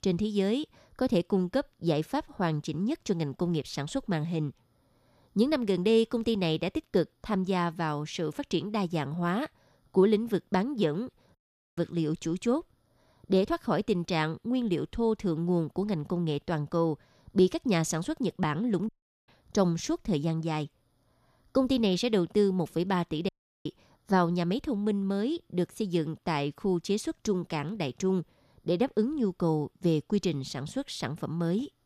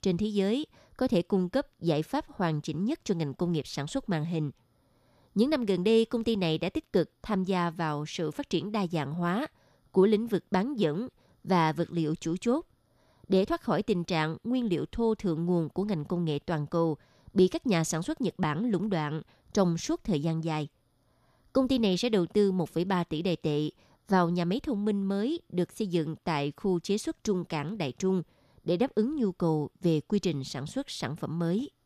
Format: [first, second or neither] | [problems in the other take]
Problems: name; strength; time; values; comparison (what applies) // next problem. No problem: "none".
second | audio cutting out; at 11 s, at 19 s and at 23 s